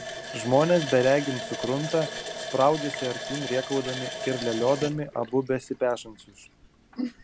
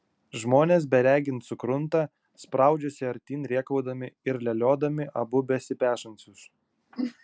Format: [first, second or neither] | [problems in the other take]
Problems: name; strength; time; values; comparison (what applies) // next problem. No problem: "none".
second | background sound (Water tap, faucet); 9 dB below the speech